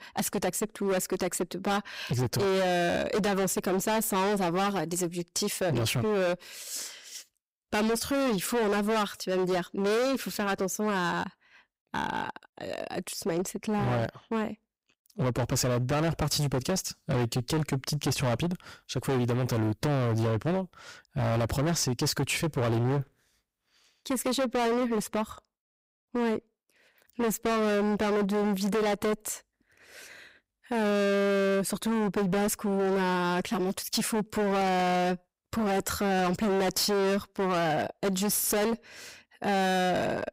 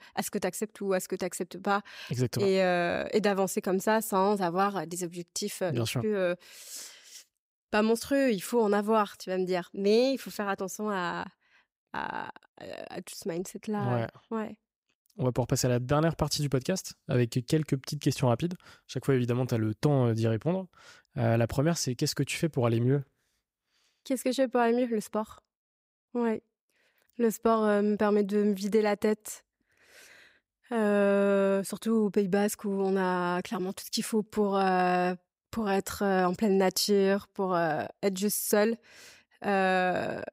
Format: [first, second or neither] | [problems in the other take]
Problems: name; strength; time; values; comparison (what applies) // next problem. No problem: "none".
second | distortion; heavy; 26% of the sound clipped